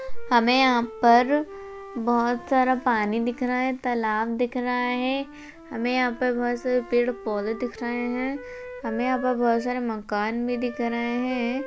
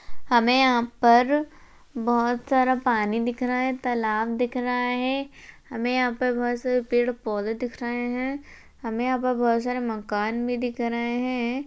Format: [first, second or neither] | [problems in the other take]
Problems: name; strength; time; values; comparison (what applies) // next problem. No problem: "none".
second | background sound (Wind instrument, woodwind instrument); 16 dB below the speech